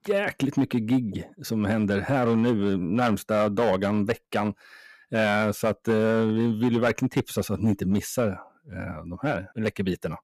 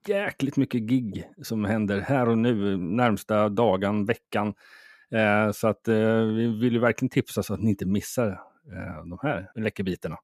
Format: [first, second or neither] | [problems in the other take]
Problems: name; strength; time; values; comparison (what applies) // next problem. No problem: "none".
second | distortion; slight; 5% of the sound clipped